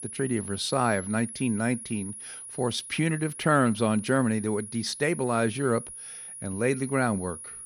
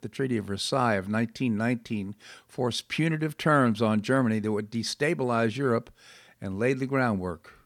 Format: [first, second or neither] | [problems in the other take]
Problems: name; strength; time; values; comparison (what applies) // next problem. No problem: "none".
second | high-pitched whine; noticeable; throughout; 10.5 kHz, 10 dB below the speech